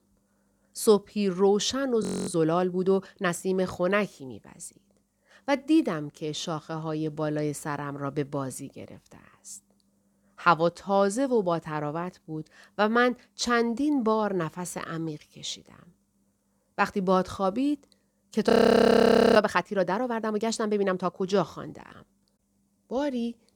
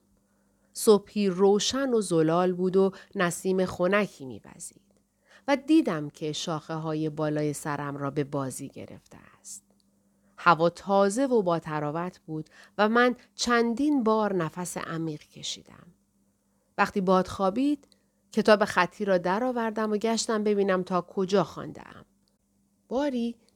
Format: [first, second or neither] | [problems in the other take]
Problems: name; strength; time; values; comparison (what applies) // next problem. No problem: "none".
second | audio freezing; at 2 s and at 19 s for 1 s